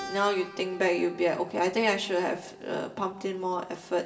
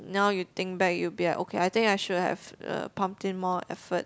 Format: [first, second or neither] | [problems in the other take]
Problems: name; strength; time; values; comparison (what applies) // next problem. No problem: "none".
second | background sound (Keyboard (musical)); 18 dB below the speech // room echo; dies away in 0.8 s